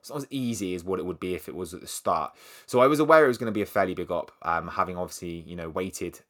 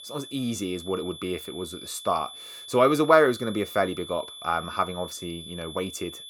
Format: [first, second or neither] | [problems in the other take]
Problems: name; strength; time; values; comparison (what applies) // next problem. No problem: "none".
first | high-pitched whine; noticeable; throughout; 3.5 kHz, 15 dB below the speech